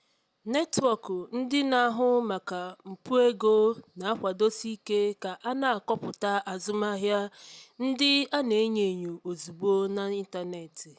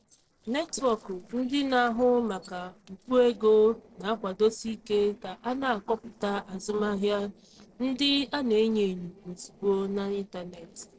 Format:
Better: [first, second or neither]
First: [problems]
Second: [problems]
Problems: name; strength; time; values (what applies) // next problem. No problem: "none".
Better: first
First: none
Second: noise reduction (neural separator model SepFormer DNS4)